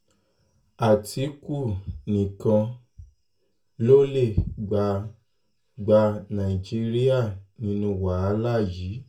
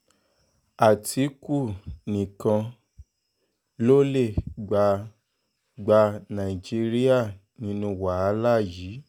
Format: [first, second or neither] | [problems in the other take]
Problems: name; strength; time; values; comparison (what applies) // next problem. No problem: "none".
second | room echo; dies away in 0.2 s